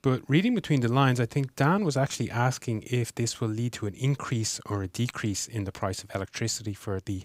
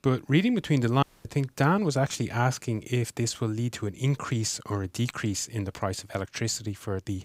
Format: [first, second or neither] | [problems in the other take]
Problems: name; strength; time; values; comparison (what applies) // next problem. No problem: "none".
first | audio cutting out; at 1 s